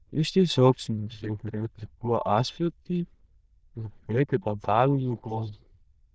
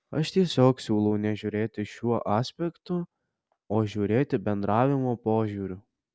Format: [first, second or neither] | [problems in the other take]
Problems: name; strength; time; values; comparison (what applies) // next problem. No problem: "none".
second | noise reduction (neural diffusion model UNIVERSE++)